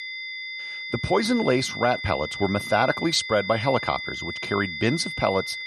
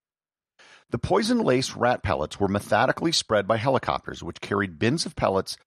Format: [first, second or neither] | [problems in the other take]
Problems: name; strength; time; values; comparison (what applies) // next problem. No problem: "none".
second | high-pitched whine; loud; throughout; 2 kHz, 7 dB below the speech